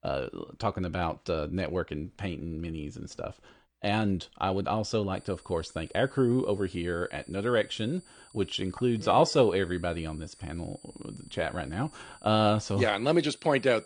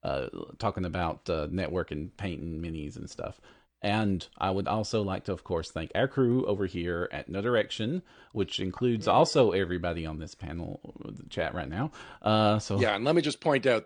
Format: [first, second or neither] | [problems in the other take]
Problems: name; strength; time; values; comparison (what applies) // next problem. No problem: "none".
second | high-pitched whine; faint; from 5 s on; 9 kHz, 25 dB below the speech